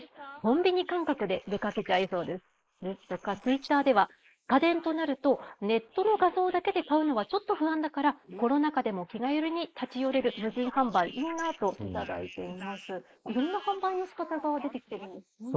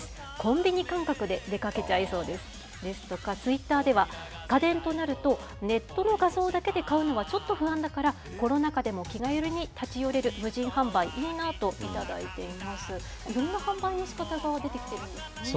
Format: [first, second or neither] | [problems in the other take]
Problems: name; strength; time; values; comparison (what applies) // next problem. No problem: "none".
second | noise reduction (neural mask model Resemble Enhance denoiser)